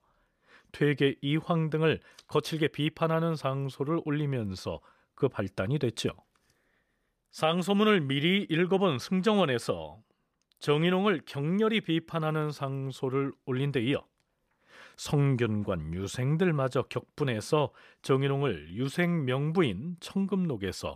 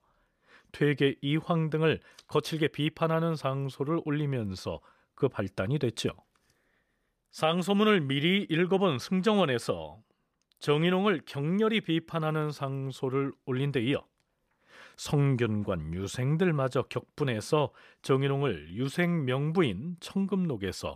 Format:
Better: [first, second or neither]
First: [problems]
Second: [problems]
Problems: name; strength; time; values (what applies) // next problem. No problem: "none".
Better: neither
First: none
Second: none